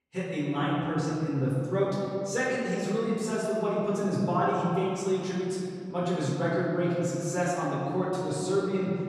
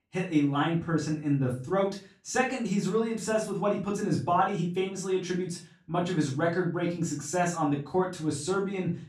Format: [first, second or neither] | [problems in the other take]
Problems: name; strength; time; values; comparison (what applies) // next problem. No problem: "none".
second | room echo; strong; dies away in 2.5 s; slight in the second // off-mic speech; far; far in the second